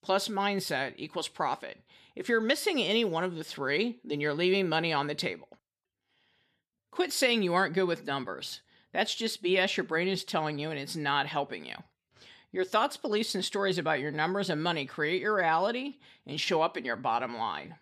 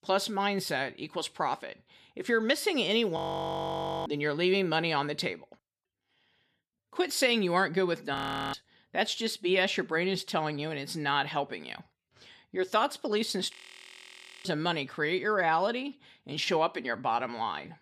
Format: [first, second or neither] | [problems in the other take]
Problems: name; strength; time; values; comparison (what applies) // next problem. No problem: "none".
first | audio freezing; at 3 s for 1 s, at 8 s and at 14 s for 1 s